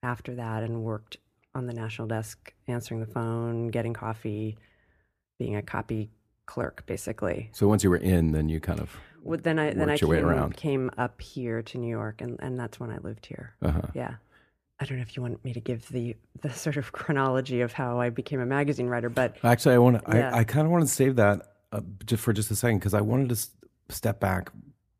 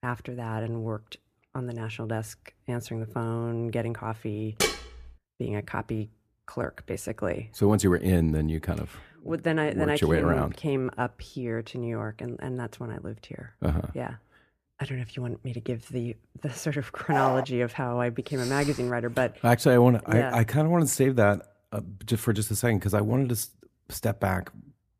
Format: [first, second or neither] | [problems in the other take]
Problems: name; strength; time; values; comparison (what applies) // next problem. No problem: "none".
first | clattering dishes; loud; at 4.5 s; peak 1 dB above the speech // dog barking; loud; at 17 s; peak 1 dB above the speech // footsteps; noticeable; at 18 s; peak 9 dB below the speech